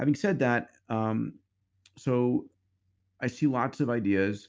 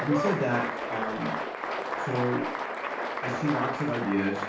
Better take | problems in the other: first | background sound (Applause); 2 dB below the speech // room echo; dies away in 0.5 s

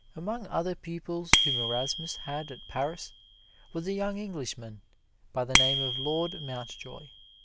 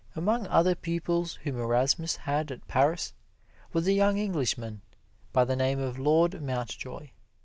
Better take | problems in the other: second | background sound (Bicycle bell); 1 dB above the speech

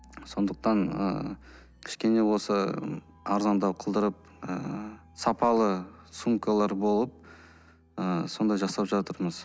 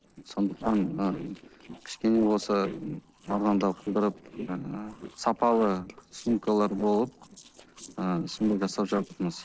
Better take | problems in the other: first | noise reduction (neural separator model SepFormer DNS4)

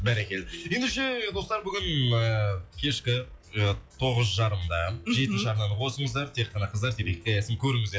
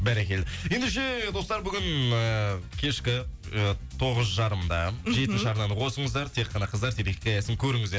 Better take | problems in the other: second | noise reduction (classical method log-MMSE)

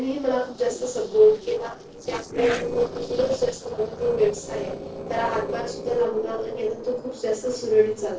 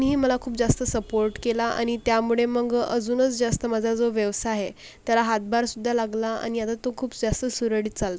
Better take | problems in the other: second | noise reduction (neural separator model SepFormer DNS4)

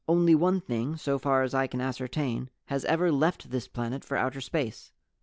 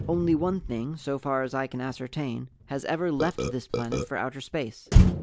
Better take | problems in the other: first | background sound (Motor vehicle (road) + Burping, eructation); 1 dB above the speech

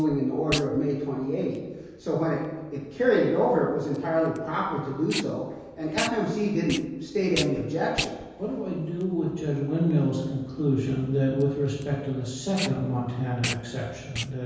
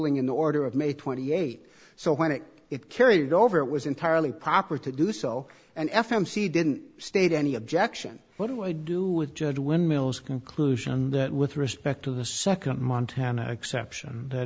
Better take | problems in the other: second | background sound (Packing tape, duct tape); 13 dB below the speech // room echo; dies away in 1.2 s

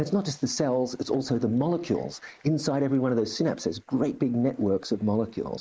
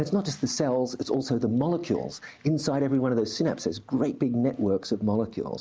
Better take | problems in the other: second | noise reduction (neural mask model Resemble Enhance denoiser)

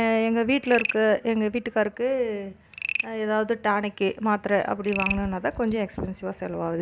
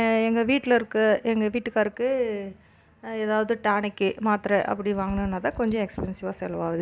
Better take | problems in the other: second | background sound (Frog); 12 dB below the speech

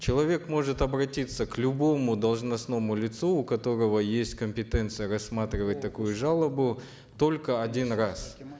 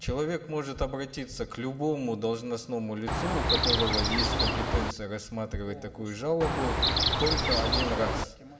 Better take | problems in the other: first | background sound (Chirp, tweet); 4 dB above the speech // room echo; dies away in 0.4 s

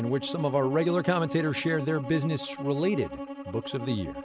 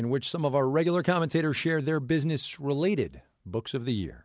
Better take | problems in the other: second | background sound (Bowed string instrument); 10 dB below the speech

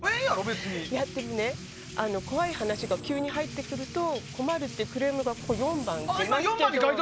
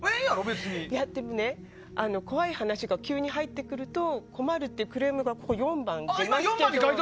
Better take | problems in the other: second | background sound (Drip / Rain + Engine); 12 dB below the speech

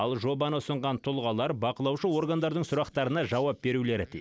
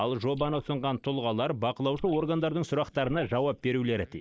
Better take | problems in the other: first | noise reduction (neural mask model DeepFilterNet 3)

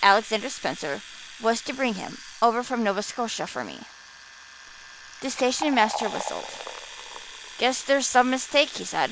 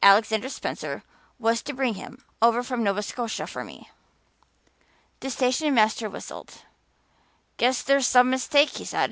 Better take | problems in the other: second | background sound (Domestic sounds, home sounds + Fill (with liquid)); 13 dB below the speech

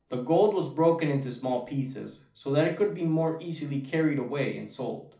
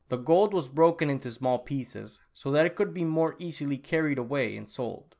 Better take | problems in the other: second | room echo; dies away in 0.4 s

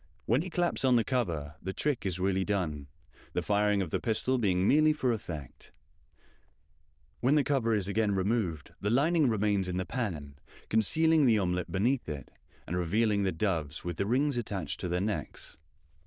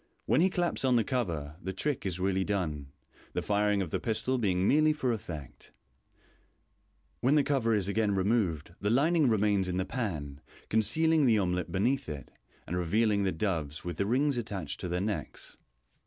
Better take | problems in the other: second | noise reduction (neural diffusion model UNIVERSE++)

